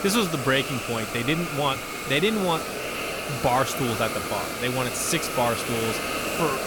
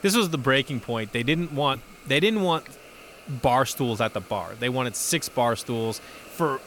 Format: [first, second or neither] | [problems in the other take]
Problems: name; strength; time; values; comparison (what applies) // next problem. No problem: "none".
second | hiss; loud; throughout; 3 dB below the speech; faint in the second